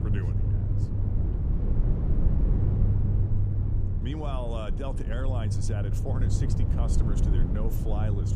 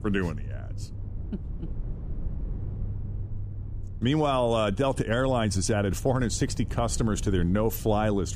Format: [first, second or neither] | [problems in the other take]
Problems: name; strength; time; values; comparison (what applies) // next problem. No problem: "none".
second | low rumble; loud; throughout; 2 dB below the speech; faint in the second